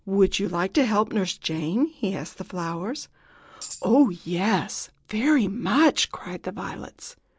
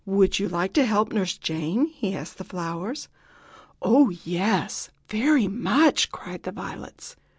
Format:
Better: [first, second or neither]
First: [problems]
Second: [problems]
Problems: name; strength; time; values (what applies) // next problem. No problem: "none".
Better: second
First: noise reduction (neural mask model Resemble Enhance denoiser)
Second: none